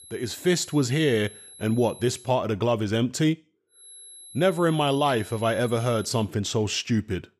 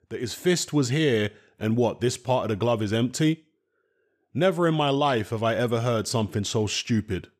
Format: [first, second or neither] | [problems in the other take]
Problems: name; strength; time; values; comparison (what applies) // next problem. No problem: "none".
second | high-pitched whine; noticeable; until 2.5 s and from 4 to 6 s; 11 kHz, 20 dB below the speech